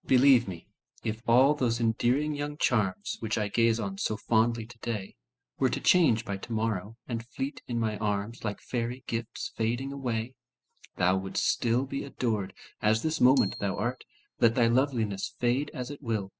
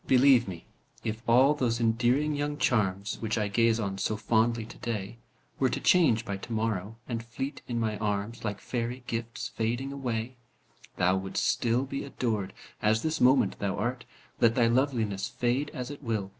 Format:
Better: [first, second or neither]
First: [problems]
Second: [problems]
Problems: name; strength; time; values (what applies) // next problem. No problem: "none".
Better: second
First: noise reduction (classical method spectral subtraction)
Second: none